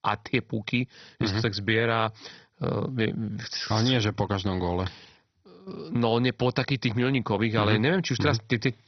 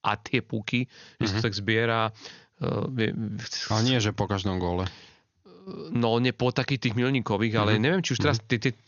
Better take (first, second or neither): second